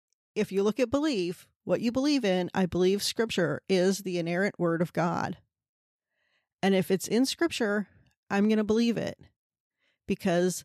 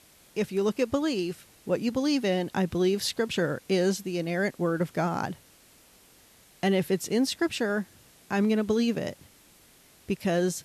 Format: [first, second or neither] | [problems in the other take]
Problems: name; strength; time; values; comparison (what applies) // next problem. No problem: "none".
first | hiss; faint; throughout; 25 dB below the speech